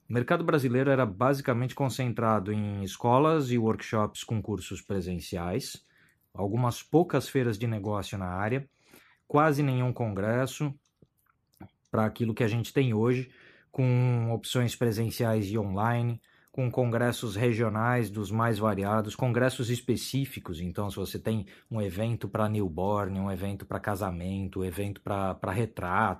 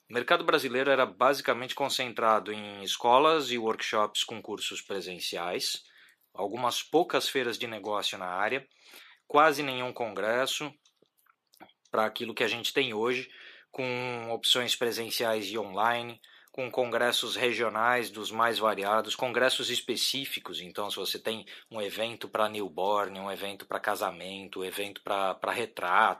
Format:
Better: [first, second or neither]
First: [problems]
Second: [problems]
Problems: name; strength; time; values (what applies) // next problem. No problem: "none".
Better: first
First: none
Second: thin; very; fading below 500 Hz